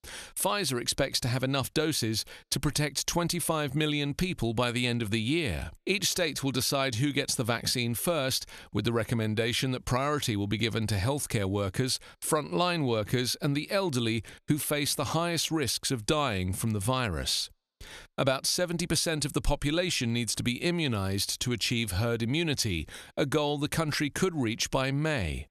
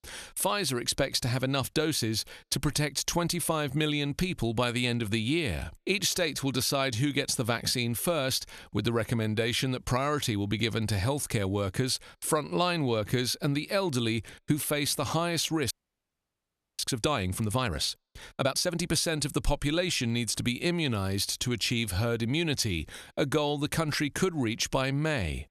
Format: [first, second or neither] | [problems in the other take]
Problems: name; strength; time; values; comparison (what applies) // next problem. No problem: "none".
first | audio freezing; at 16 s for 1 s